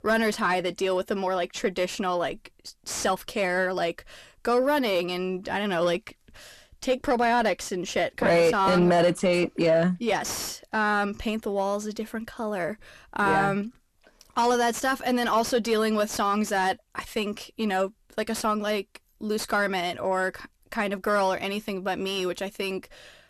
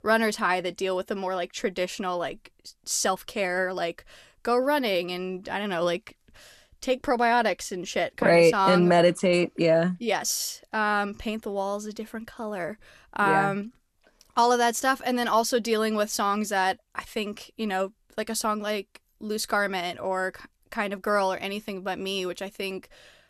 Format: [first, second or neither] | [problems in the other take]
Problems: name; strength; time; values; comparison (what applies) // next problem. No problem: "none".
second | distortion; slight; 10 dB below the speech